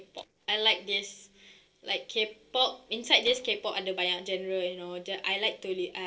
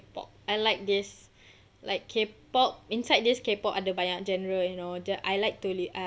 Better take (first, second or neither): second